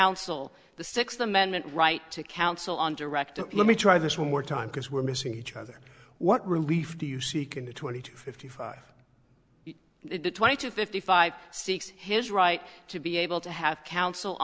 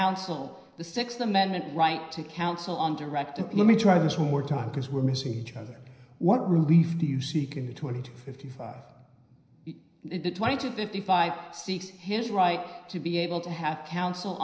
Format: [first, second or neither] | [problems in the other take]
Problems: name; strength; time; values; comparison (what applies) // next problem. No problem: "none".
first | room echo; dies away in 0.9 s